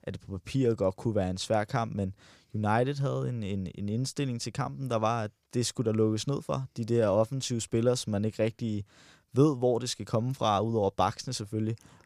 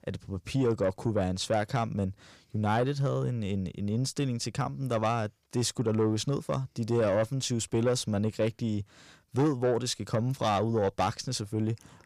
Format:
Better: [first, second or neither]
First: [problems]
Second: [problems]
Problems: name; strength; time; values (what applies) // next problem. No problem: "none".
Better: first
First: none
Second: distortion; slight; 10 dB below the speech